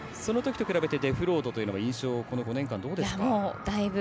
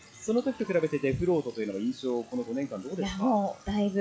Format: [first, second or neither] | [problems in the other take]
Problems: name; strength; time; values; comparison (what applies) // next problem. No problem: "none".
first | noise reduction (classical method log-MMSE)